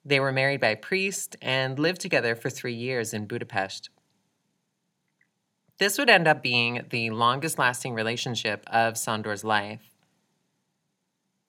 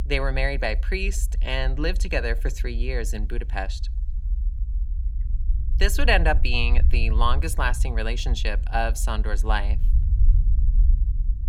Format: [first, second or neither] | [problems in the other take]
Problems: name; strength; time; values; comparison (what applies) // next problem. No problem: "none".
first | low rumble; faint; throughout; 20 dB below the speech